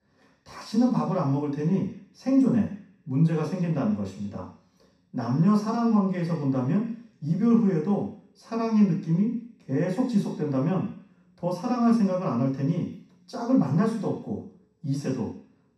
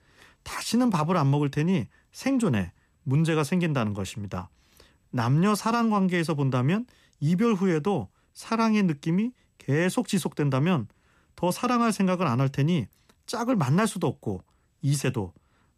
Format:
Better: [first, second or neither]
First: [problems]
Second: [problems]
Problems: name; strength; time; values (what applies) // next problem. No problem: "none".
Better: second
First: room echo; noticeable; dies away in 0.6 s // off-mic speech; far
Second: none